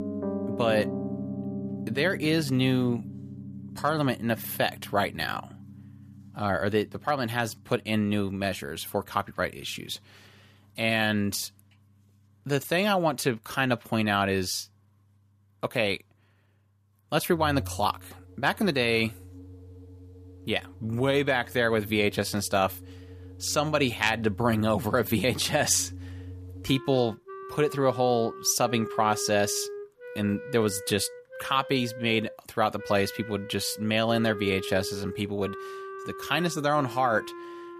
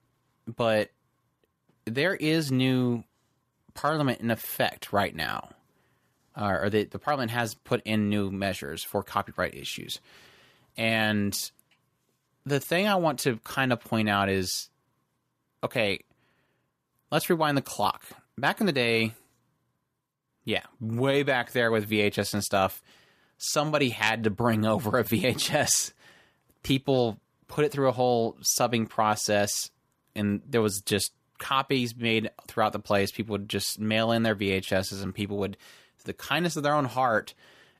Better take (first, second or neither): second